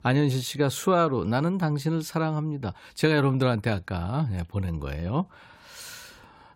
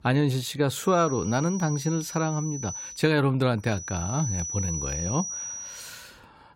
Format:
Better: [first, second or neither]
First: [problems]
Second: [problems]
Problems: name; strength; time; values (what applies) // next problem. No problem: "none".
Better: first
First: none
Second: high-pitched whine; loud; from 1 to 3 s and from 3.5 to 6 s; 6 kHz, 7 dB below the speech